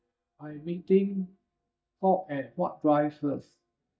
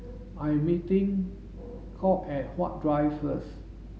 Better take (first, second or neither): second